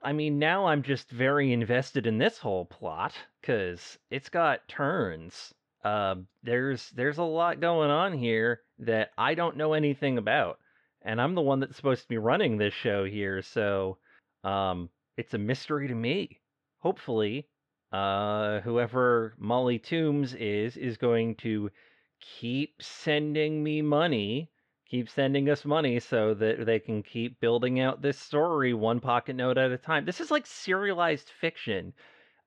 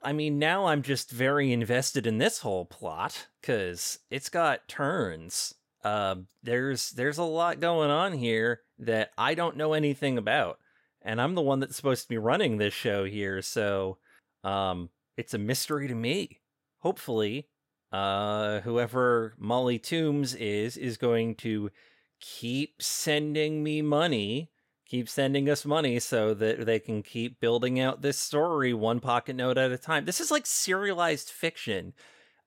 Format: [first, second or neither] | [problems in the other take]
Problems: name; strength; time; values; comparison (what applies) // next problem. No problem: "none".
second | muffled; slightly; fading above 3.5 kHz